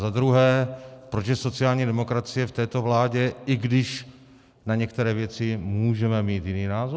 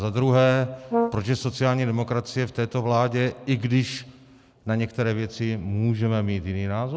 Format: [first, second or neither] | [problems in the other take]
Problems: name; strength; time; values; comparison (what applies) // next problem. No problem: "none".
first | background sound (Brass instrument); 5 dB below the speech